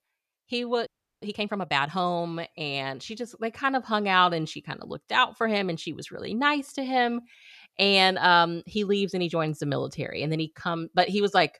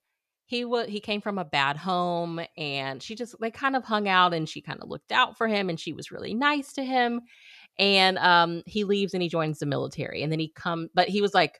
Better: second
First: audio freezing; at 1 s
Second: none

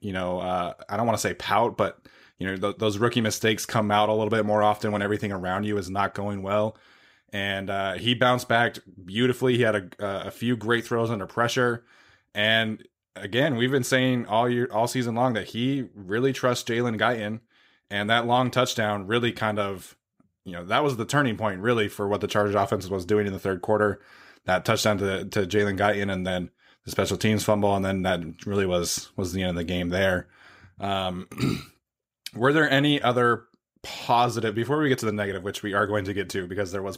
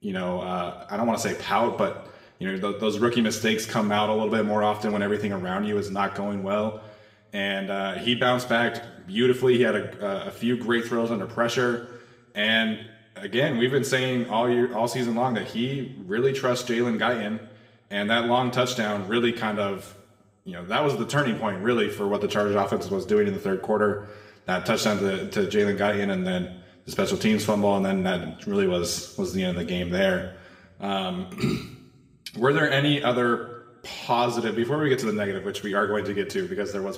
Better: first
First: none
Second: room echo; slight; dies away in 0.8 s

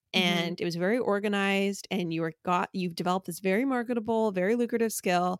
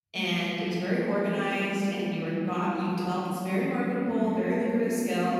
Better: first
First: none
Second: room echo; strong; dies away in 3 s // off-mic speech; far

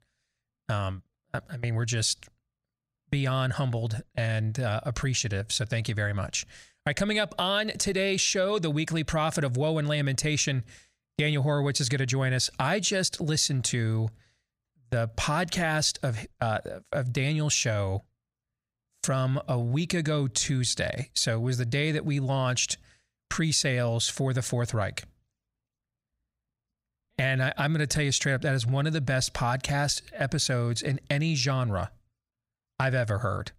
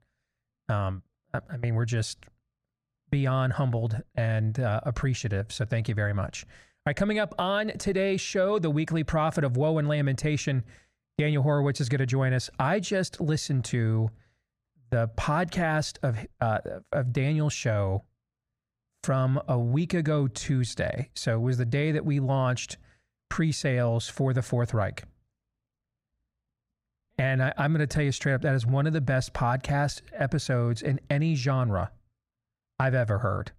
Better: first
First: none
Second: muffled; slightly; fading above 2.5 kHz

